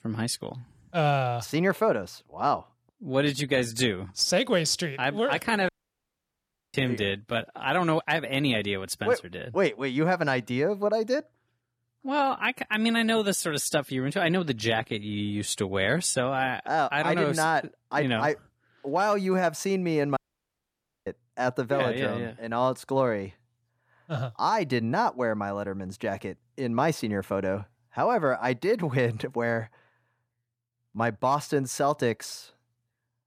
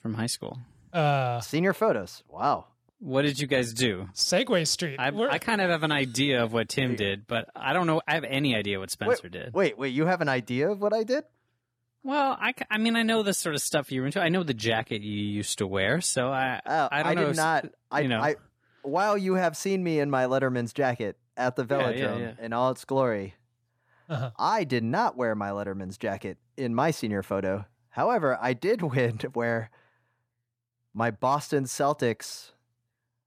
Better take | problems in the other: second | audio cutting out; at 5.5 s for 1 s and at 20 s for 1 s

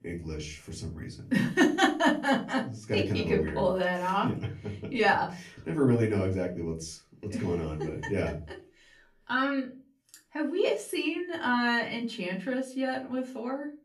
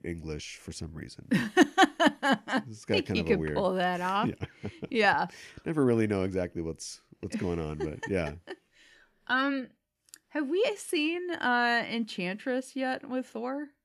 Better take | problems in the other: second | off-mic speech; far // room echo; very slight; dies away in 0.3 s

